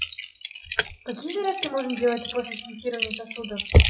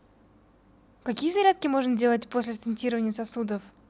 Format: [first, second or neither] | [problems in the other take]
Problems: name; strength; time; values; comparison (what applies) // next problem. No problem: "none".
second | noise reduction (classical method WPE with log-MMSE)